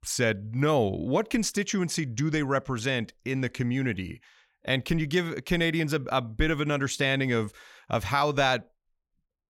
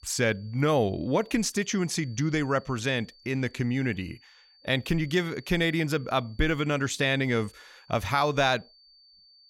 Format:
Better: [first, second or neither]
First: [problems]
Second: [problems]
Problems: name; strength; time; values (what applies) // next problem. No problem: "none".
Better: first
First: none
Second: high-pitched whine; faint; throughout; 4.5 kHz, 30 dB below the speech